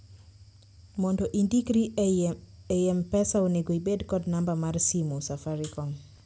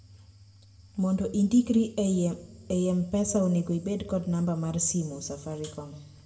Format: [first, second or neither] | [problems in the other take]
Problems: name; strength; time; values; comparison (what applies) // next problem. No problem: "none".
first | room echo; dies away in 1.2 s